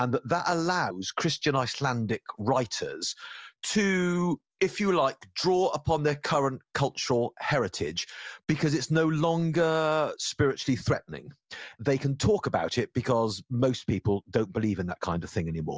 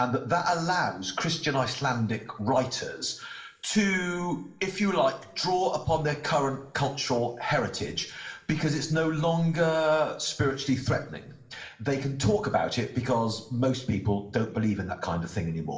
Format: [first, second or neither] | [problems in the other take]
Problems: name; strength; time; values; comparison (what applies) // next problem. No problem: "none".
first | room echo; dies away in 0.8 s